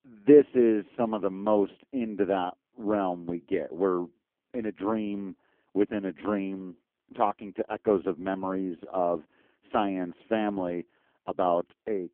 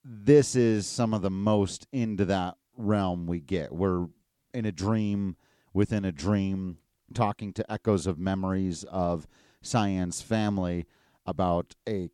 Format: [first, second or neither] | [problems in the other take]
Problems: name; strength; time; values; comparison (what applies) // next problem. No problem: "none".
second | phone-call audio; poor line